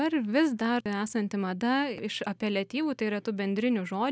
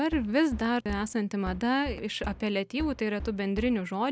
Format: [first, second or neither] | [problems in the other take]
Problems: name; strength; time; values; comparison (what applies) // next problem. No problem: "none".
first | background sound (Knock); 13 dB below the speech